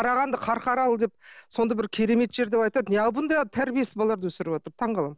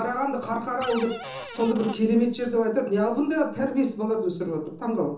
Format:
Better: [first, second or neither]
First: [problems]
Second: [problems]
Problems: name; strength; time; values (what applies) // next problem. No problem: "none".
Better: first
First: none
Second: background sound (Cupboard open or close); 11 dB below the speech // room echo; dies away in 0.7 s